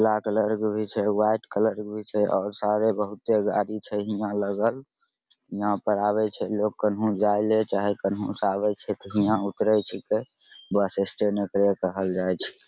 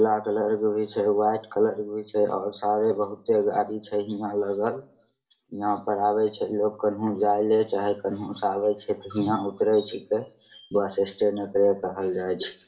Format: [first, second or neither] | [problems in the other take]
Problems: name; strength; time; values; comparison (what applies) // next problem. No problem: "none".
first | room echo; dies away in 0.4 s